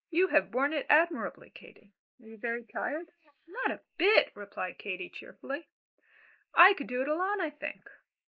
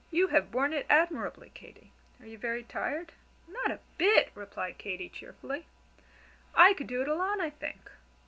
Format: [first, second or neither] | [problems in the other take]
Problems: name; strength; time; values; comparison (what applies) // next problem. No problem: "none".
second | noise reduction (neural mask model Resemble Enhance denoiser)